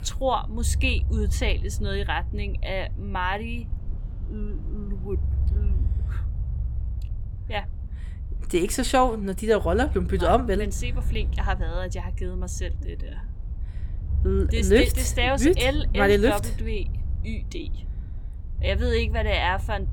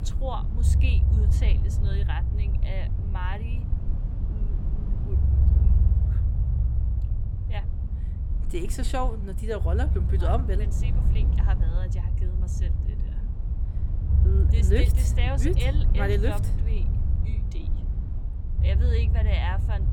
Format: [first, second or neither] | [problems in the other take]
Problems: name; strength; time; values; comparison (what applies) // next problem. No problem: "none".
first | low rumble; loud; throughout; 7 dB below the speech; faint in the first